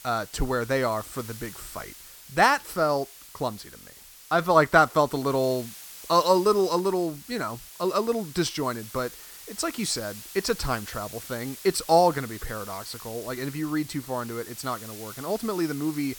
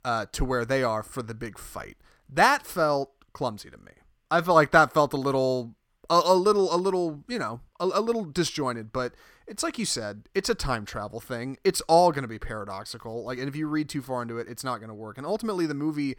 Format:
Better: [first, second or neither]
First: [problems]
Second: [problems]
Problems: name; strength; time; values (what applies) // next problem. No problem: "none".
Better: second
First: hiss; noticeable; throughout; 15 dB below the speech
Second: none